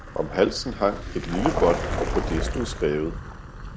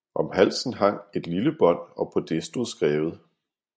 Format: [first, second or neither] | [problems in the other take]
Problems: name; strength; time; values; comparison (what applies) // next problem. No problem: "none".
second | background sound (Vehicle); 4 dB below the speech